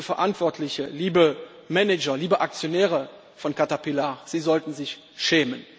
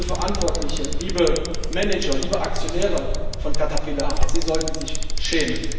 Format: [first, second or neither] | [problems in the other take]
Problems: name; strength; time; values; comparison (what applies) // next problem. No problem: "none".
first | background sound (Bicycle); 5 dB above the speech // room echo; dies away in 1.3 s